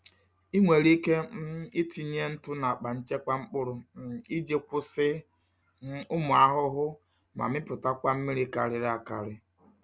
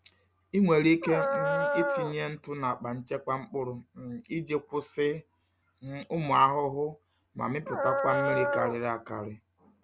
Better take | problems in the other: first | background sound (Dog); 1 dB above the speech

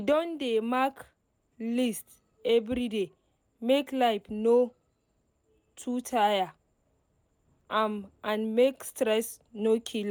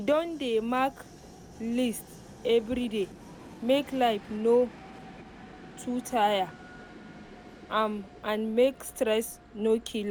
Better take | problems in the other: first | background sound (Train); 18 dB below the speech

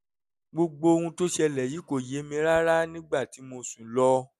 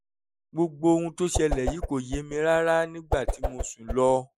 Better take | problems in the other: first | noise reduction (neural mask model Resemble Enhance denoiser)

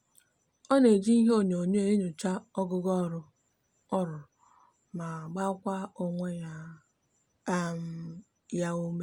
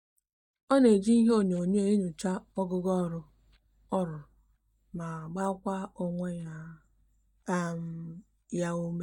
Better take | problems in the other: first | noise reduction (neural mask model DeepFilterNet 3)

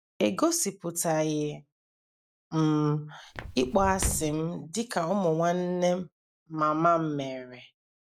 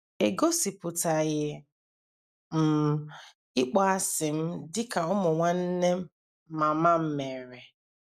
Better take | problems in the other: second | background sound (Walk, footsteps); 7 dB below the speech

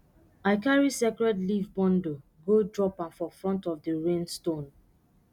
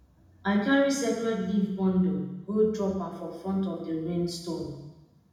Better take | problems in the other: first | room echo; dies away in 1 s

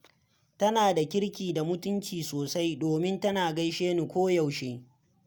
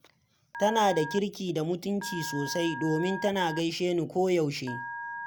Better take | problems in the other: first | background sound (Telephone); 11 dB below the speech

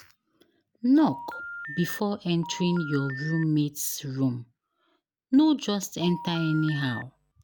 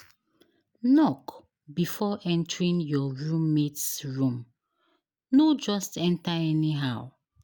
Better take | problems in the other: second | background sound (Telephone); 12 dB below the speech

